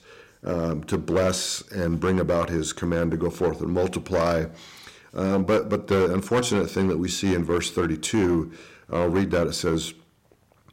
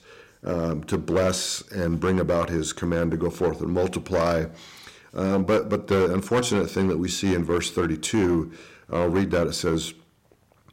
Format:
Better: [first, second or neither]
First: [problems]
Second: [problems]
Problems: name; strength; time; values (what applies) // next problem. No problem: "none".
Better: neither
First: distortion; slight; 6% of the sound clipped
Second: distortion; slight; 6% of the sound clipped